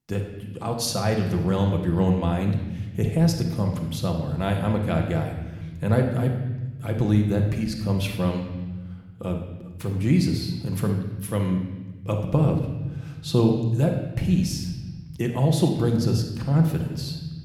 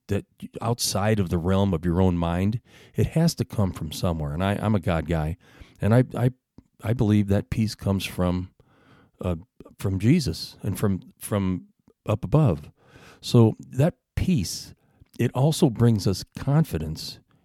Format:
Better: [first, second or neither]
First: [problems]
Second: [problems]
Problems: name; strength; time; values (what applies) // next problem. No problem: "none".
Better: second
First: room echo; slight; dies away in 1.2 s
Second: none